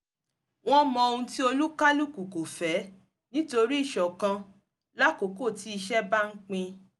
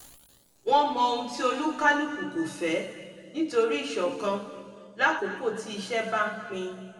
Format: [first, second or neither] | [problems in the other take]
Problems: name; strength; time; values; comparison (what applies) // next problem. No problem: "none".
first | room echo; dies away in 2.1 s